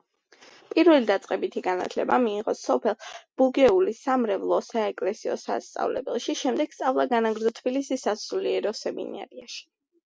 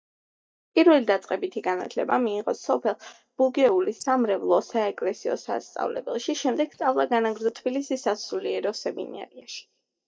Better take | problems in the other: first | noise reduction (neural mask model DeepFilterNet 3)

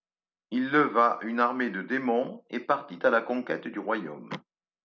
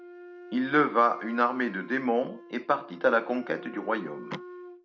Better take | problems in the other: first | background sound (Wind instrument, woodwind instrument); 17 dB below the speech

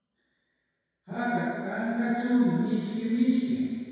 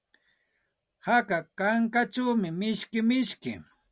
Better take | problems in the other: second | room echo; dies away in 2 s

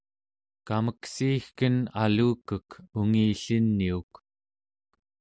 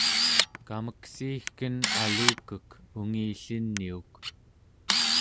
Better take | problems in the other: first | background sound (Camera); 5 dB above the speech

